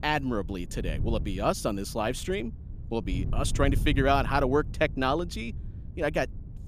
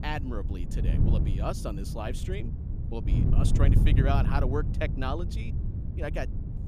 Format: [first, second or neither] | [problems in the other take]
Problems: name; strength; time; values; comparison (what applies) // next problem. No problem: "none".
first | wind noise on the microphone; heavy; 5 dB below the speech; occasional gusts in the first